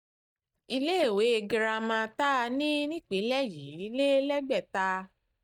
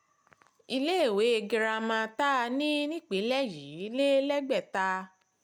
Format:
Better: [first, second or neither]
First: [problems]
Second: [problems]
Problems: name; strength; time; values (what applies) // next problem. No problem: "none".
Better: second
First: noise reduction (neural mask model DeepFilterNet 3)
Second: none